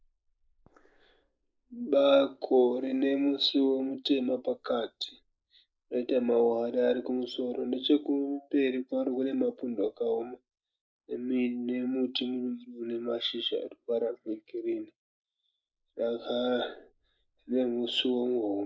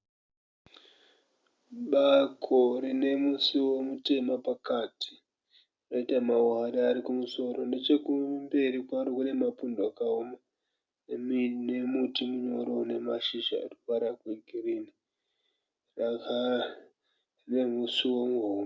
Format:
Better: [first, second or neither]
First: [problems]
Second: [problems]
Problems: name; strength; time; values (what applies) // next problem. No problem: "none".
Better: second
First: noise reduction (neural mask model Resemble Enhance denoiser)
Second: none